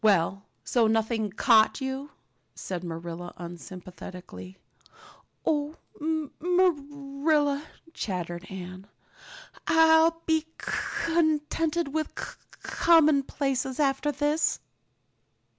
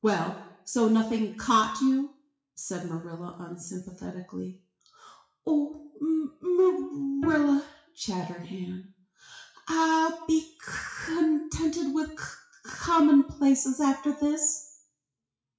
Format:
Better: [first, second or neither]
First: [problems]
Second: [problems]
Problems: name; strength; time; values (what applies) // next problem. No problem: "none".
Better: first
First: none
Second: noise reduction (classical method WPE with log-MMSE)